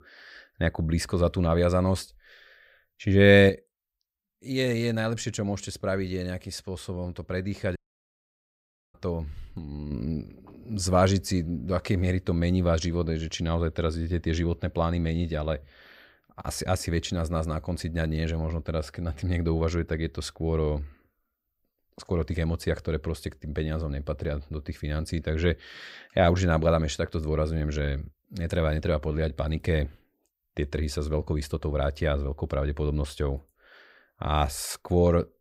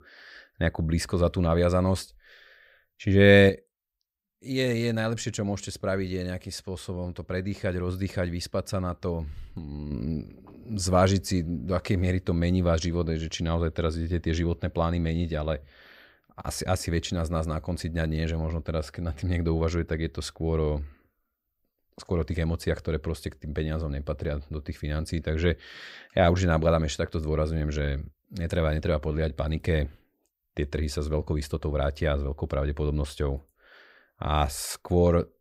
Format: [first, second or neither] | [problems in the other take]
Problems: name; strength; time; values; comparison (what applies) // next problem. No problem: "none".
second | audio cutting out; at 8 s for 1 s